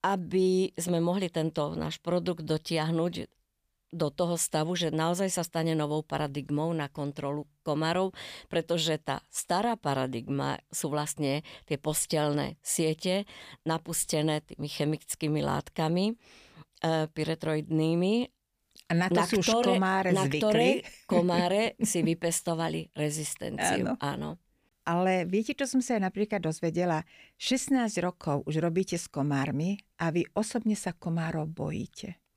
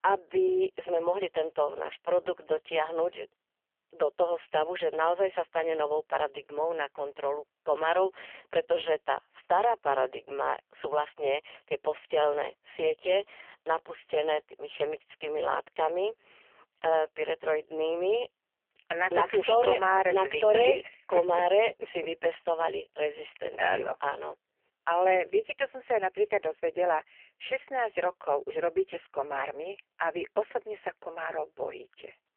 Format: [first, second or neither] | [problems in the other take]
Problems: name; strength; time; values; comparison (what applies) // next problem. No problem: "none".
first | phone-call audio; poor line; nothing above 3 kHz